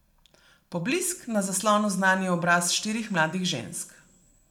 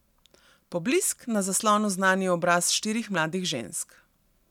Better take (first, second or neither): second